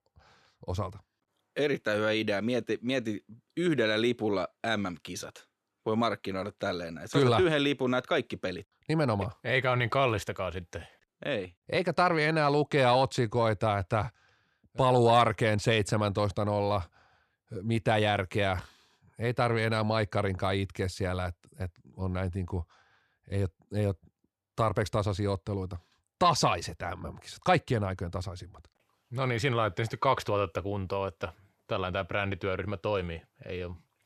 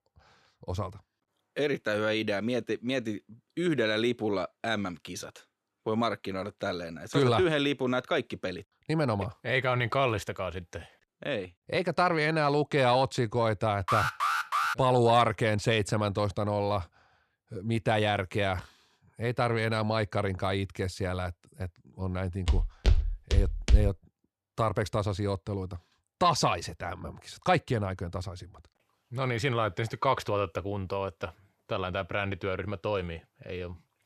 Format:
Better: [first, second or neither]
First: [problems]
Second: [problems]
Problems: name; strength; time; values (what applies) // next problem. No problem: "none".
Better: first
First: none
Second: alarm; loud; at 14 s; peak 2 dB above the speech // footsteps; loud; from 22 to 24 s; peak 3 dB above the speech